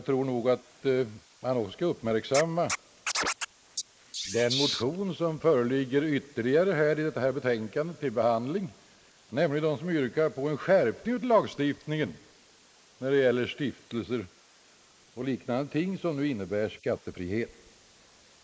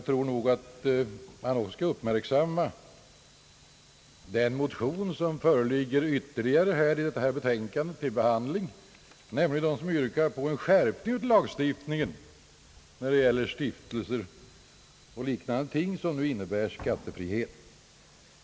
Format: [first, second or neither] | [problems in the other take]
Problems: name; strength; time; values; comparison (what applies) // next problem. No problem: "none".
second | noise reduction (neural mask model Resemble Enhance denoiser)